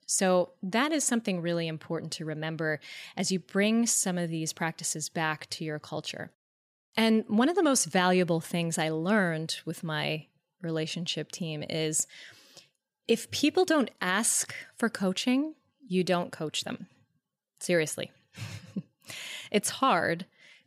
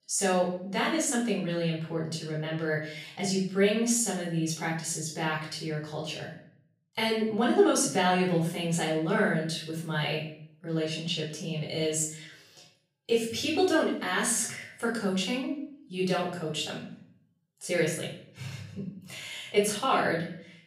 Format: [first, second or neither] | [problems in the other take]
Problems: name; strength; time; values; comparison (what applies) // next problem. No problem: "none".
first | off-mic speech; far // room echo; noticeable; dies away in 0.5 s